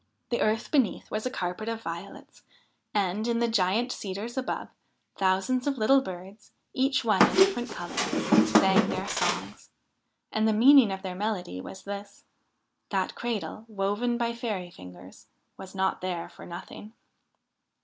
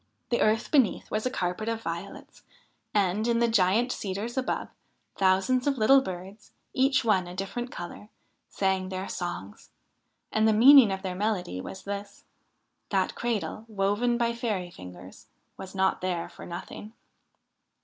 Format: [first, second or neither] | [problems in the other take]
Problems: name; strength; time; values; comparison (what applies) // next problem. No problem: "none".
second | background sound (Squeak); 4 dB above the speech